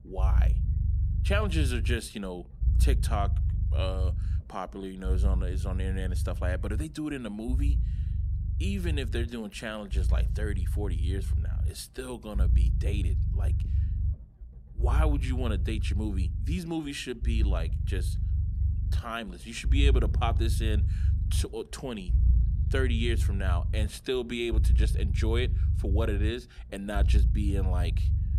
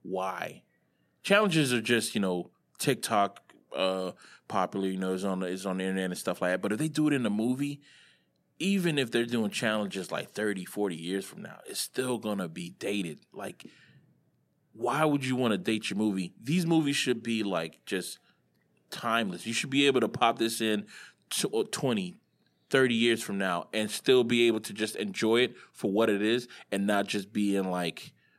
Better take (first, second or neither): second